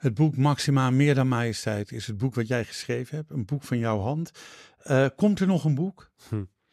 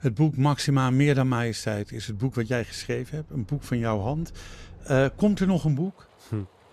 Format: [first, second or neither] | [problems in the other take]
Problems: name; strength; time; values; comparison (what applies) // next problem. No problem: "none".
first | traffic noise; faint; throughout; 25 dB below the speech